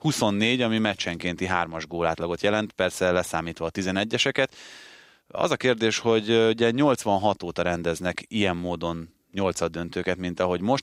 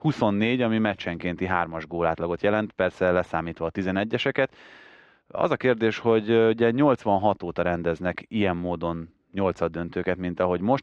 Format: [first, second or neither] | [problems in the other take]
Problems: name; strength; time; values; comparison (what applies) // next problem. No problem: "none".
first | muffled; very; fading above 2 kHz